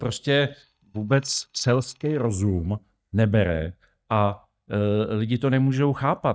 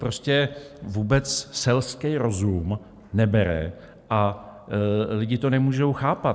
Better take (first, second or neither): second